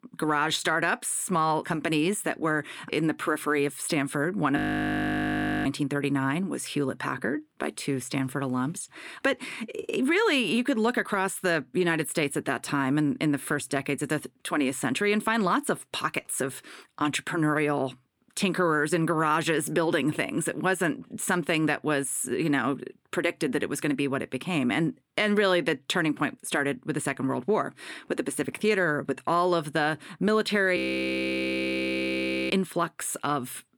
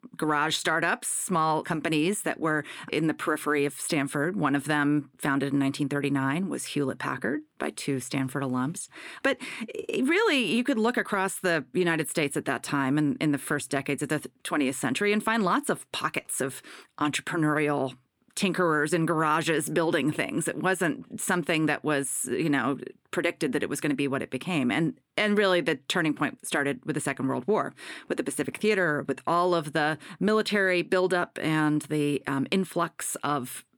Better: second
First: audio freezing; at 4.5 s for 1 s and at 31 s for 1.5 s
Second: none

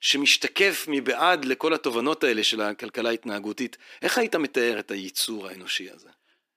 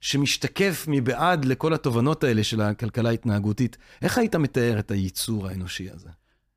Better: second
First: thin; somewhat; fading below 300 Hz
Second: none

